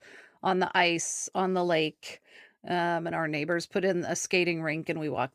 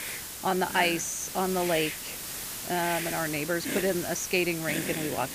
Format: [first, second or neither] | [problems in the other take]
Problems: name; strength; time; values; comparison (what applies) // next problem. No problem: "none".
first | hiss; loud; throughout; 5 dB below the speech